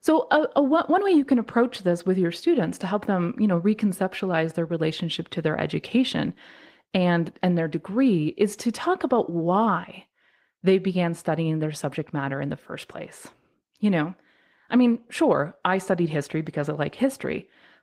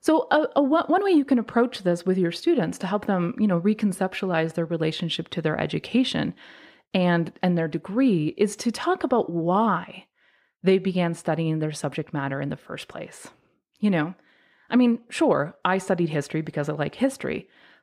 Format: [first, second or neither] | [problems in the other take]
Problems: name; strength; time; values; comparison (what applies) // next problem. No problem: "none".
second | garbled, watery; slightly; nothing above 15.5 kHz